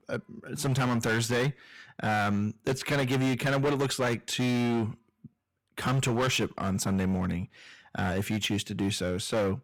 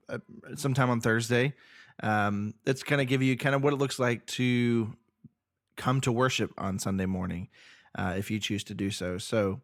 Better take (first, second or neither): second